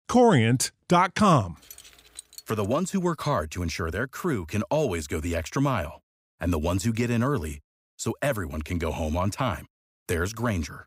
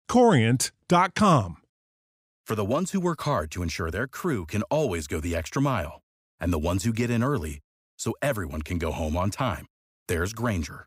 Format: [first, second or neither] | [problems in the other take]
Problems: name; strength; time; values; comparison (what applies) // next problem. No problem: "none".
second | jangling keys; faint; from 1.5 to 2.5 s; peak 15 dB below the speech